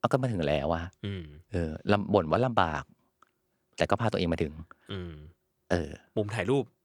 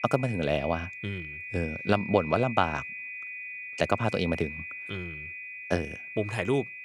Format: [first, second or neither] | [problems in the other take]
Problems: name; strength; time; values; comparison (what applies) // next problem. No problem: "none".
first | high-pitched whine; loud; throughout; 2.5 kHz, 8 dB below the speech